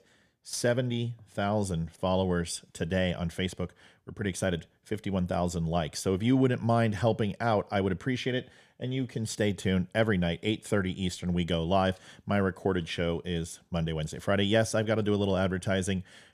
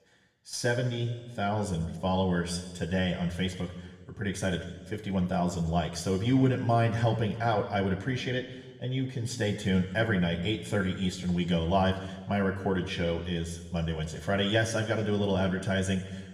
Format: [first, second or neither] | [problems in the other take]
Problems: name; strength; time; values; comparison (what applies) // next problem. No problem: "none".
first | room echo; slight; dies away in 1.2 s